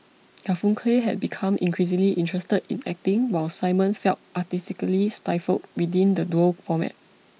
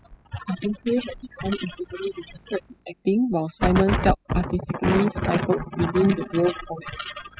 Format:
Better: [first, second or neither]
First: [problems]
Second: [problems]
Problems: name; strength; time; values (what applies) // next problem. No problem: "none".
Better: first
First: none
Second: noise reduction (classical method spectral subtraction)